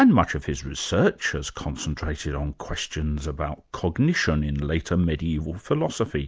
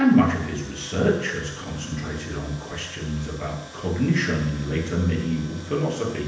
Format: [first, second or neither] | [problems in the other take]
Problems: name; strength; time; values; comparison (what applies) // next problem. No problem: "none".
first | background sound (Tools); 19 dB below the speech // room echo; dies away in 0.9 s